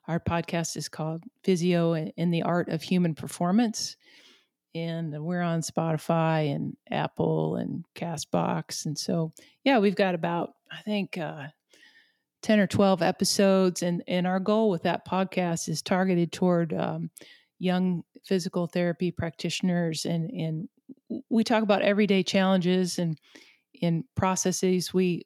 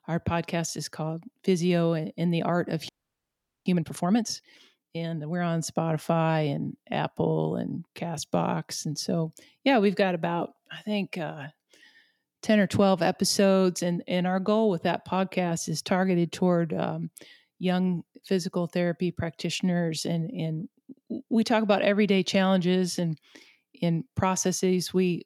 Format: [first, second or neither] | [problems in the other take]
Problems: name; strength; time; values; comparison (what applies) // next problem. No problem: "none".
first | audio freezing; at 3 s for 1 s